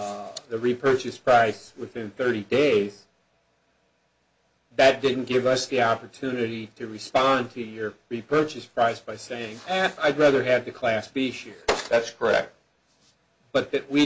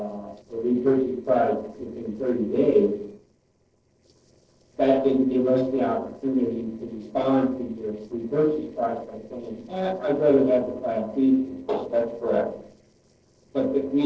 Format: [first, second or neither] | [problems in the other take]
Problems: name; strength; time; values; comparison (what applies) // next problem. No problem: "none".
first | noise reduction (neural separator model SepFormer DNS4)